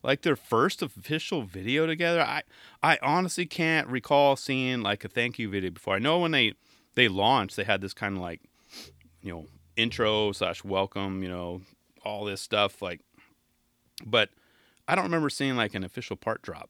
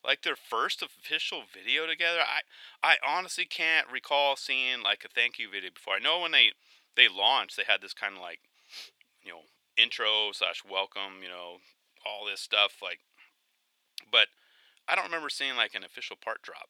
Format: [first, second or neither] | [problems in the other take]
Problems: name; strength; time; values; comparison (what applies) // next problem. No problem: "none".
first | thin; very; fading below 700 Hz